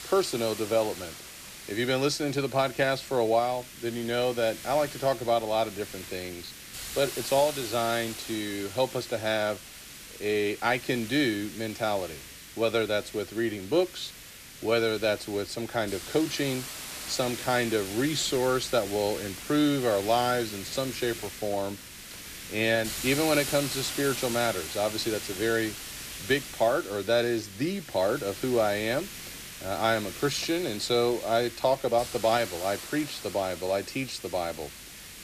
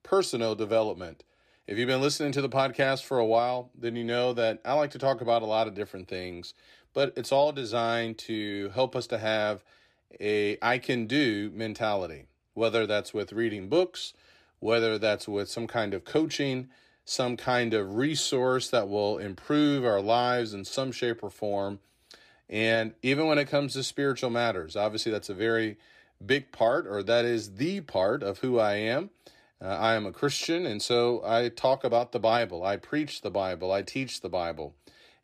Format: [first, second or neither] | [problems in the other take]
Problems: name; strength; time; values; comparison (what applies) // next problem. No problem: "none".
second | hiss; noticeable; throughout; 10 dB below the speech